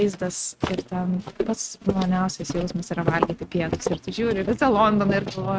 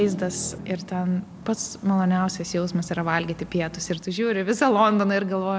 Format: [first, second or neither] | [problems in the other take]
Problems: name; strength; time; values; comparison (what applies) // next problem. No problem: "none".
second | noise reduction (neural mask model RNNoise)